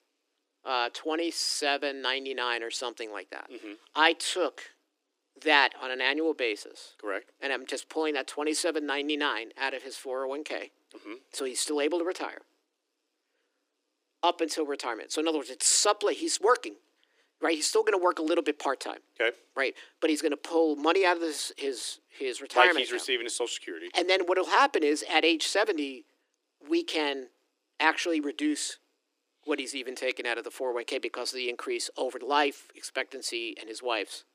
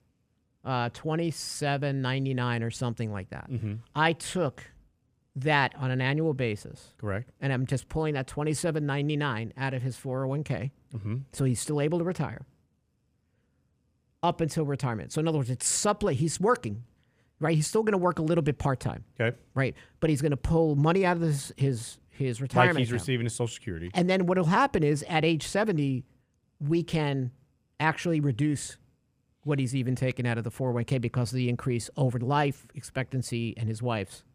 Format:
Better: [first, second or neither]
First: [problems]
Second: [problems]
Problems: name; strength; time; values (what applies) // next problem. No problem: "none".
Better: second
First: thin; somewhat; fading below 300 Hz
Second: none